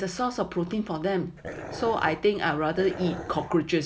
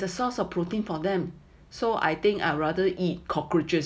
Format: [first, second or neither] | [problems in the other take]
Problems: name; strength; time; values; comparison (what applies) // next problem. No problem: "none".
second | background sound (Dog); 11 dB below the speech